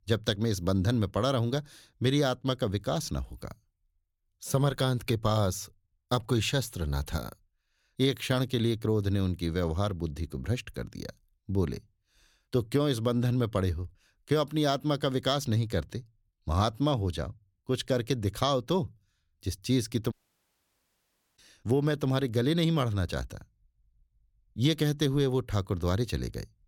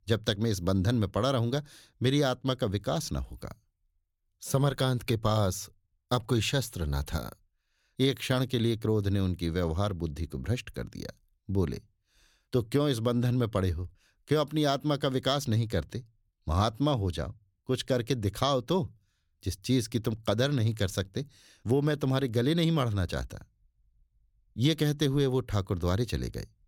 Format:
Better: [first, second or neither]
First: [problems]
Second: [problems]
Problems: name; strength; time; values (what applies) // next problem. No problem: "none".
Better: second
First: audio cutting out; at 20 s for 1.5 s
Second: none